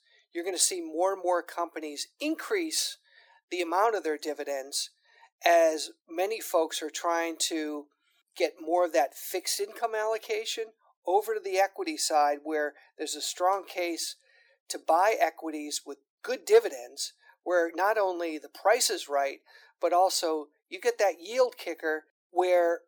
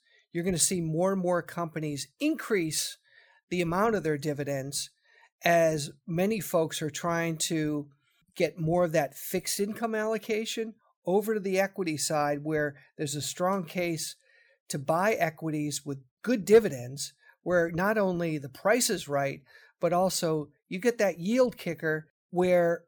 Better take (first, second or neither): second